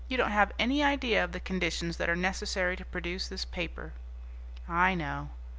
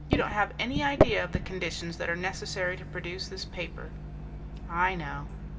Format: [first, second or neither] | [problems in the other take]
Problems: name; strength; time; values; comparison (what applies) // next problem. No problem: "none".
first | background sound (Microwave oven); 1 dB below the speech // room echo; dies away in 1.7 s